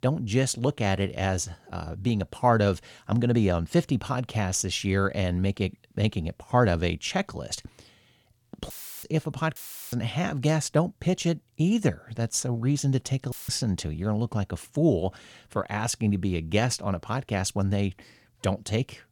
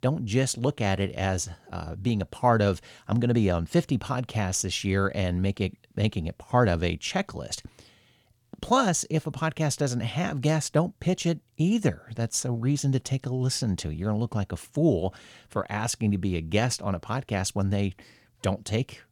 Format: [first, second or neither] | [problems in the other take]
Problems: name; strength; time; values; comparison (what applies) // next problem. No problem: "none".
second | audio cutting out; filled with static; at 8.5 s, at 9.5 s and at 13 s